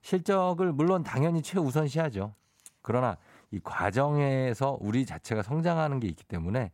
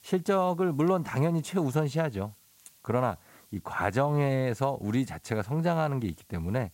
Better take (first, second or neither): first